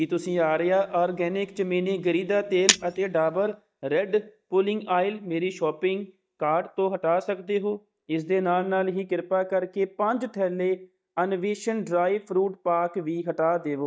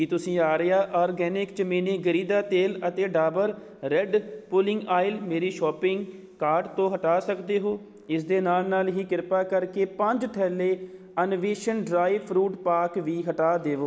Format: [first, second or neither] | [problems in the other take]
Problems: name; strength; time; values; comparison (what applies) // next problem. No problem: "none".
second | noise reduction (neural mask model DeepFilterNet 3)